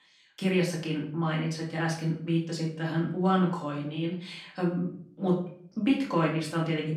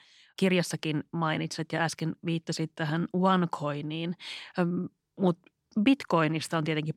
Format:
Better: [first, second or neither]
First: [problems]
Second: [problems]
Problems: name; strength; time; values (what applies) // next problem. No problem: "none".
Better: second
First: off-mic speech; far // room echo; slight; dies away in 0.5 s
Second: none